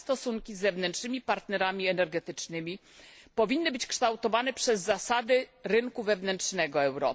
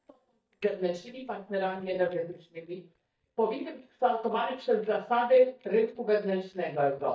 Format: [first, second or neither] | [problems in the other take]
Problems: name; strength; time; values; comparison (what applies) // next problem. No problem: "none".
first | noise reduction (neural mask model DeepFilterNet 3)